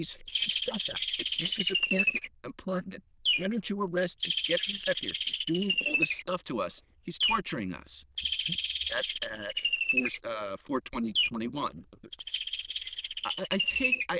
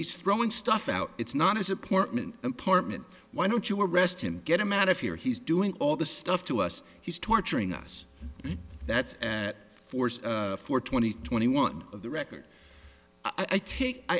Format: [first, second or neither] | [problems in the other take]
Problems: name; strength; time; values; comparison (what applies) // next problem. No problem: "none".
second | noise reduction (neural diffusion model UNIVERSE++)